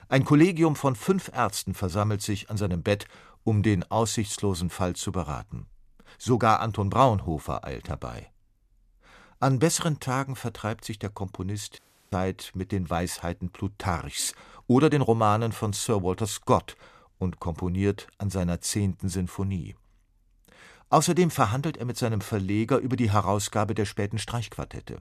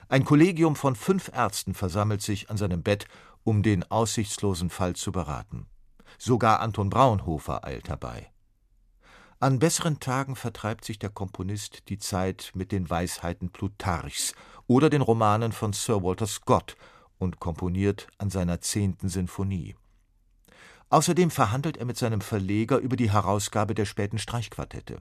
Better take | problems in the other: second | audio cutting out; at 12 s

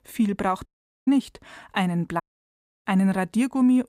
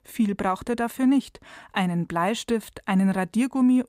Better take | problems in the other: second | audio cutting out; at 0.5 s and at 2 s for 0.5 s

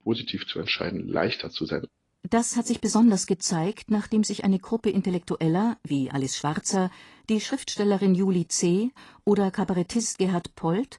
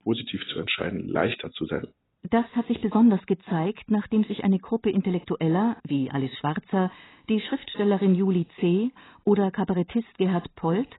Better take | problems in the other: first | garbled, watery; badly; nothing above 4 kHz; slightly in the first

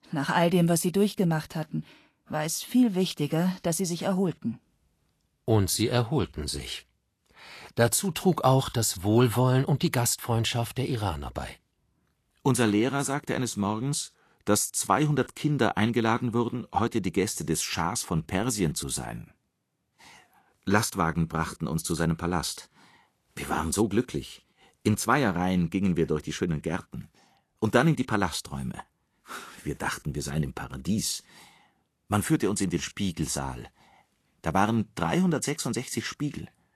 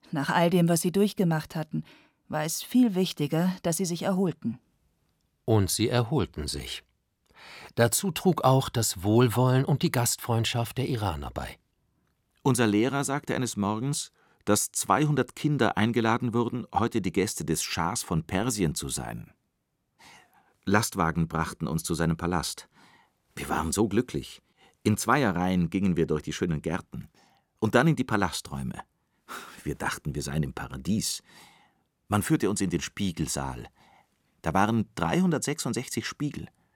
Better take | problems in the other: second | garbled, watery; slightly; nothing above 12.5 kHz

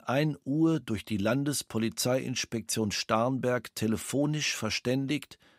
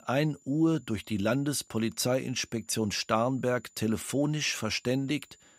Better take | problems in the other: first | high-pitched whine; faint; throughout; 7 kHz, 30 dB below the speech

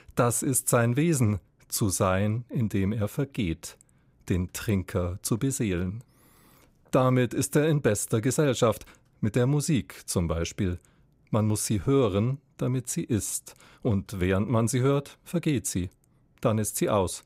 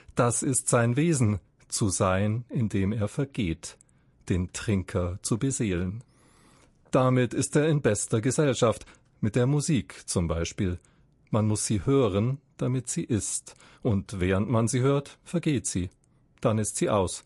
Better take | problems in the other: first | garbled, watery; slightly; nothing above 11 kHz

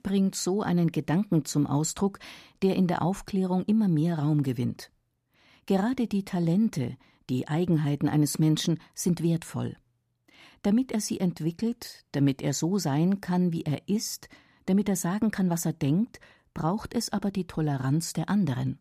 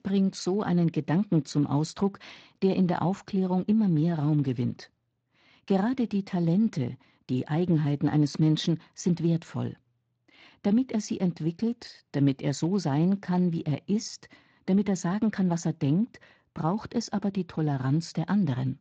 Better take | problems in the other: first | garbled, watery; slightly; nothing above 7.5 kHz

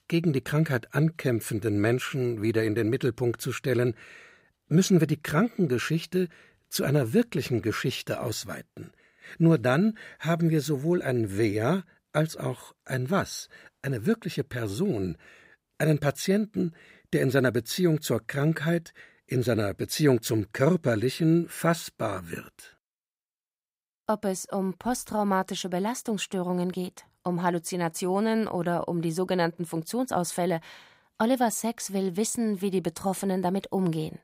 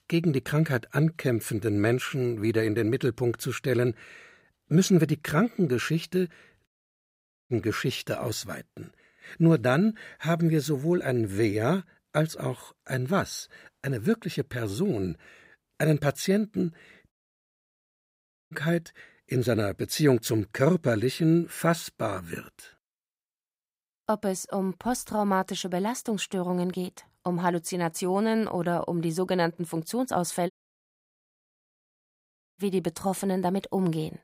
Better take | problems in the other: first | audio cutting out; at 6.5 s for 1 s, at 17 s for 1.5 s and at 31 s for 2 s

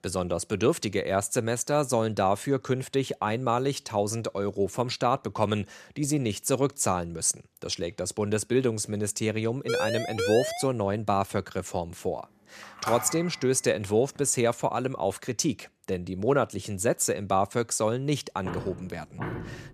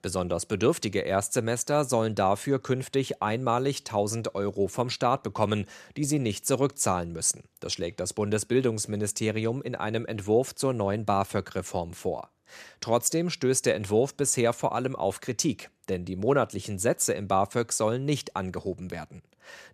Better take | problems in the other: second | siren; noticeable; at 9.5 s; peak 1 dB below the speech // phone ringing; noticeable; at 13 s; peak 5 dB below the speech // footsteps; noticeable; from 18 s on; peak 8 dB below the speech

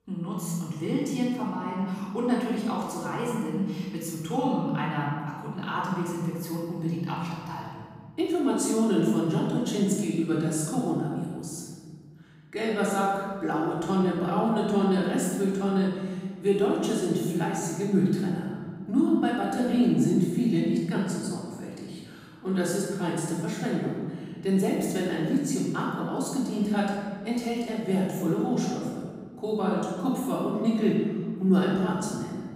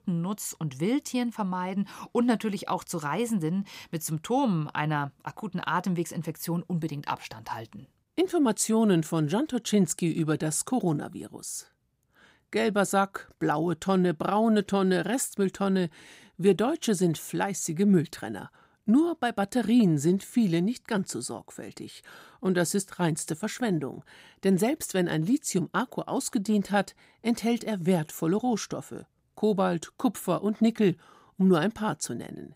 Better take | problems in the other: second | off-mic speech; far // room echo; strong; dies away in 1.8 s

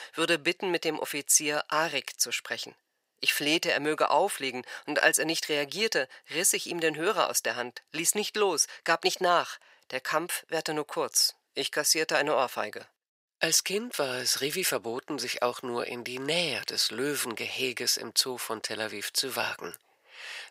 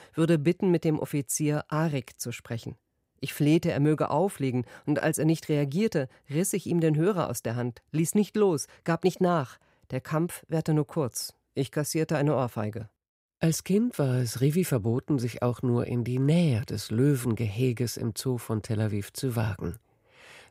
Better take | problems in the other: second | thin; very; fading below 650 Hz

